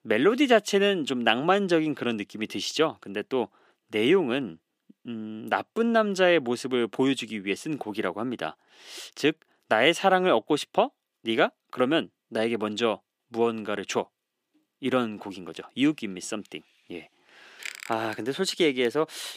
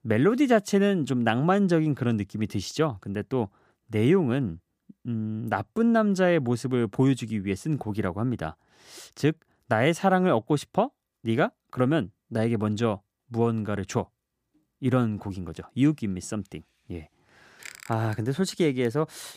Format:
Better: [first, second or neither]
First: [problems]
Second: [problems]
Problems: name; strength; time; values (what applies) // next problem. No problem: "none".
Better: second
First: thin; very slightly; fading below 350 Hz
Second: none